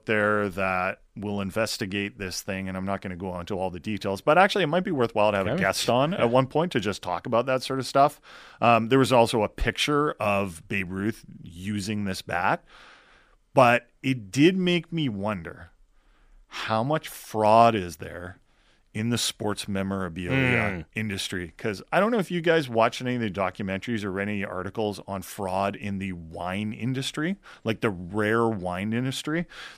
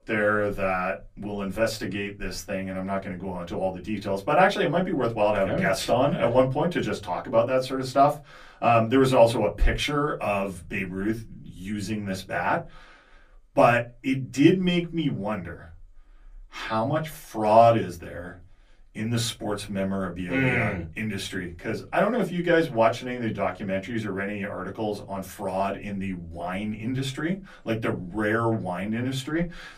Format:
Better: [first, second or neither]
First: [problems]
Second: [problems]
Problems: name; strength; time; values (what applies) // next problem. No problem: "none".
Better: first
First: none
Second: off-mic speech; far // room echo; very slight; dies away in 0.3 s